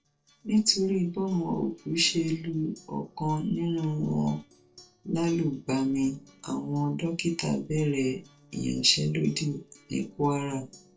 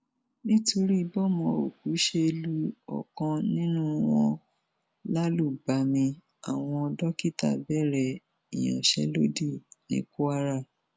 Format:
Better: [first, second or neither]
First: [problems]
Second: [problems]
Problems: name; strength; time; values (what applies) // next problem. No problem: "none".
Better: second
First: noise reduction (neural separator model SepFormer DNS4)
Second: none